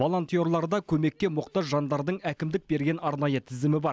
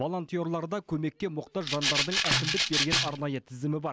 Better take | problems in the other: first | background sound (Rattle (instrument)); 4 dB above the speech

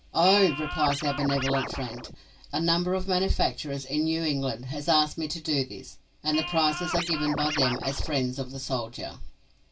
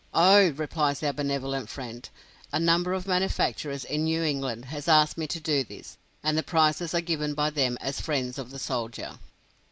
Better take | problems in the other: second | background sound (Scratching (performance technique)); 6 dB below the speech // room echo; dies away in 0.1 s

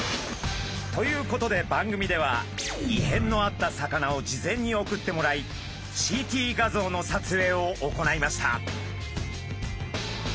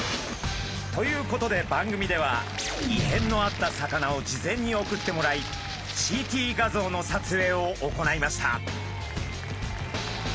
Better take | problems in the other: first | background sound (Rattle (instrument) + Applause); 13 dB below the speech

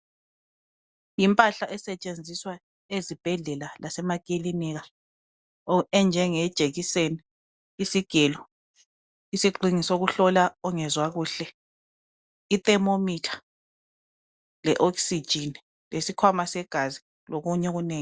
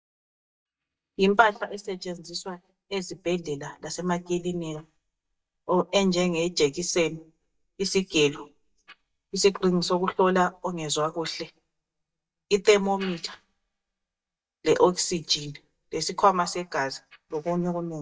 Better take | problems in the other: first | noise reduction (neural mask model DeepFilterNet 3)

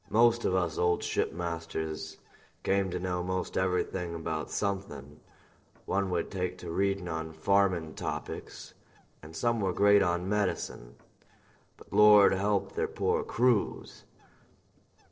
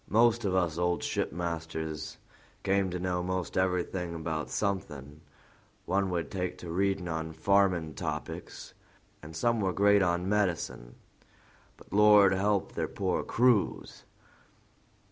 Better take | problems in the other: second | noise reduction (neural separator model SepFormer DNS4)

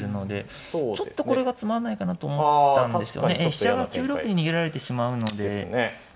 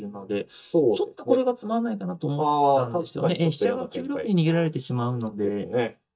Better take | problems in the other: first | noise reduction (neural mask model DeepFilterNet 3)

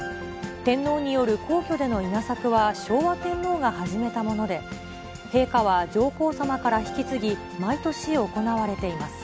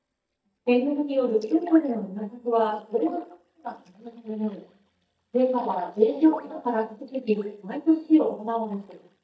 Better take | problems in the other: first | noise reduction (neural mask model DeepFilterNet 3)

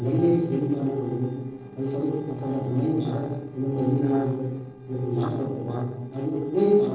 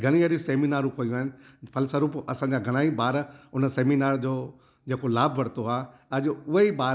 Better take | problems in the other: second | noise reduction (neural separator model SepFormer DNS4)

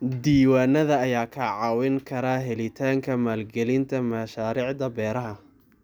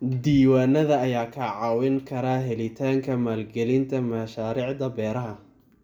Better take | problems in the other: first | room echo; dies away in 0.3 s

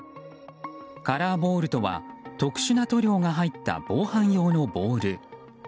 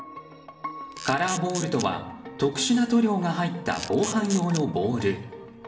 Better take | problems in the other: first | background sound (Camera); 11 dB below the speech // room echo; dies away in 0.8 s

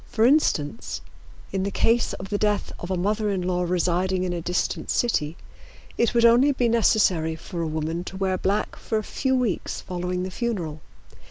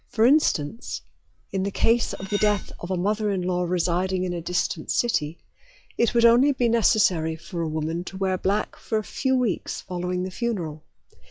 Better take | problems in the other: first | noise reduction (classical method log-MMSE)

